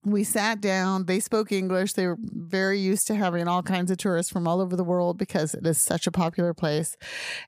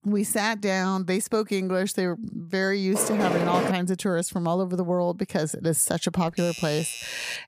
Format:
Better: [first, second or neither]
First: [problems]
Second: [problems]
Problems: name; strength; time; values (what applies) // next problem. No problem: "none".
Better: first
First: none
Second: door banging; loud; at 3 s; peak level with the speech // doorbell; noticeable; from 6.5 s on; peak 8 dB below the speech